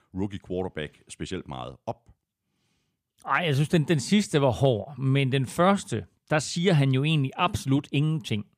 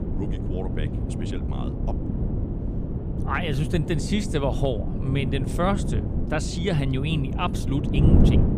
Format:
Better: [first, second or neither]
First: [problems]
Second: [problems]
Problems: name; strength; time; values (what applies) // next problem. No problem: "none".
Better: first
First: none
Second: wind noise on the microphone; heavy; 5 dB below the speech